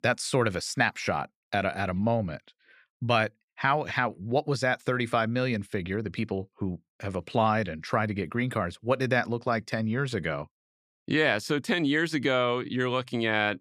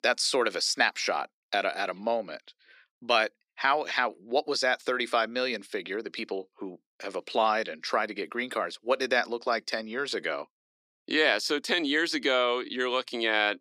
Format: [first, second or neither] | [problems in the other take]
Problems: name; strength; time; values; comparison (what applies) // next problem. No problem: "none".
first | thin; somewhat; fading below 300 Hz